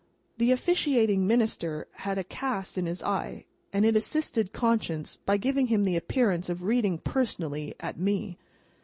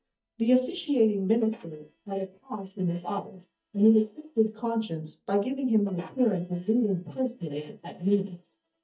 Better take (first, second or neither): first